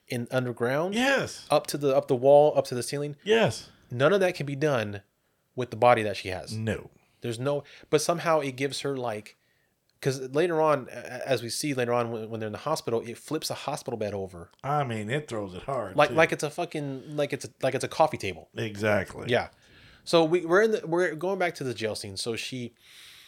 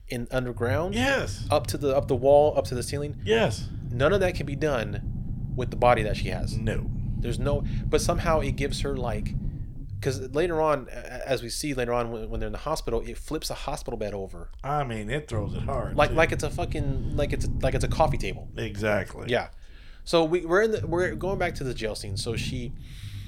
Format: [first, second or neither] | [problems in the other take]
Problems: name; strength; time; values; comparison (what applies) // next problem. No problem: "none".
first | low rumble; noticeable; throughout; 20 dB below the speech